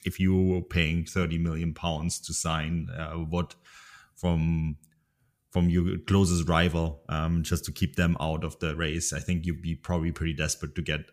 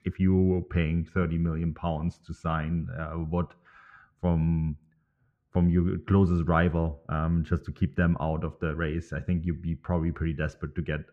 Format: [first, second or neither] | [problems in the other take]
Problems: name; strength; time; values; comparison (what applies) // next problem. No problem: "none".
first | muffled; very; fading above 4 kHz